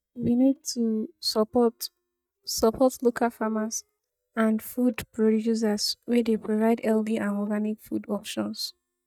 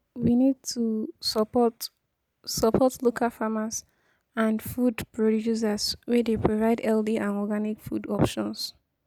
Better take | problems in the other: second | noise reduction (neural mask model DeepFilterNet 3)

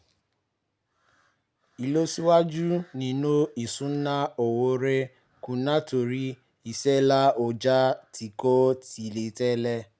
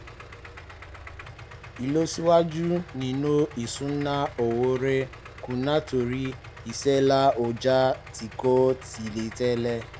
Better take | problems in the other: first | background sound (Idling); 17 dB below the speech

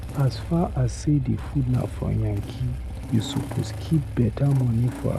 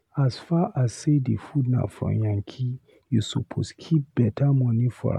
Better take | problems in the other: second | background sound (Engine starting / Motorcycle); 8 dB below the speech

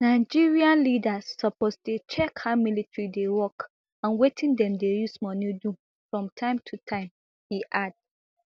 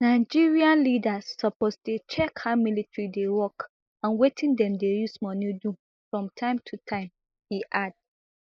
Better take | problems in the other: first | noise reduction (neural mask model Resemble Enhance denoiser)

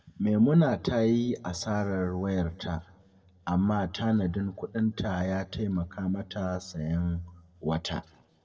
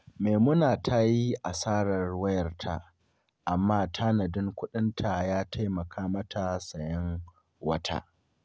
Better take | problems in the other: second | room echo; dies away in 1 s

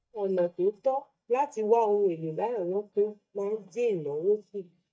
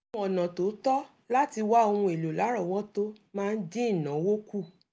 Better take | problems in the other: second | noise reduction (neural mask model DeepFilterNet 3)

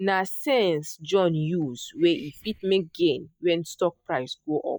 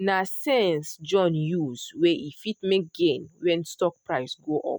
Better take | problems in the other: second | noise reduction (neural mask model DeepFilterNet 3)

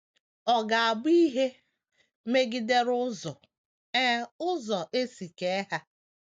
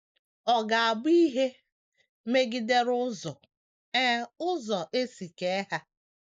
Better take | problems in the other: first | noise reduction (neural mask model Resemble Enhance denoiser)

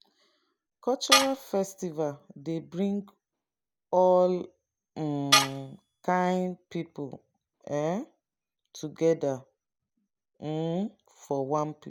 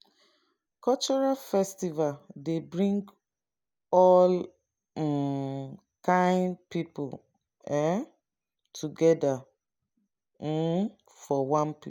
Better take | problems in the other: second | background sound (Tools); 2 dB below the speech

